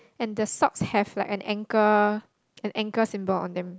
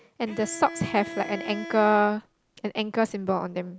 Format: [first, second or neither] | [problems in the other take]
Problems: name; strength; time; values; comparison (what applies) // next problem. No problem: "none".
first | background sound (Bowed string instrument); 14 dB below the speech